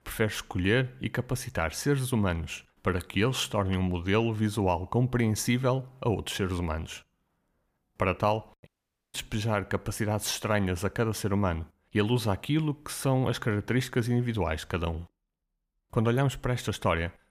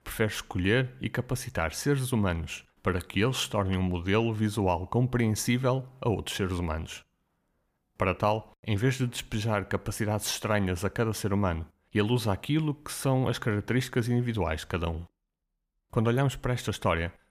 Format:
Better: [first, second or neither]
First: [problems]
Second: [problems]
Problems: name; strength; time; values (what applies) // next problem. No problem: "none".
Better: second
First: audio cutting out; at 8.5 s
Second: none